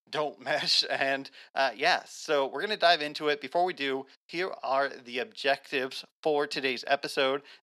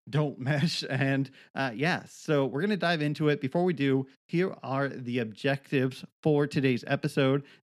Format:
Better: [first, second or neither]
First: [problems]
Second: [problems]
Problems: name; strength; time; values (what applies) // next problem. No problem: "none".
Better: second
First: thin; very; fading below 600 Hz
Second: none